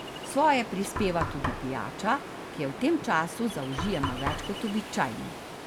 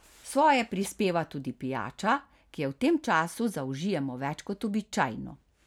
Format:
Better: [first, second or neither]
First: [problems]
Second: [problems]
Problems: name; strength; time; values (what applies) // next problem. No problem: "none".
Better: second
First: background sound (Ocean + Knock); 6 dB below the speech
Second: none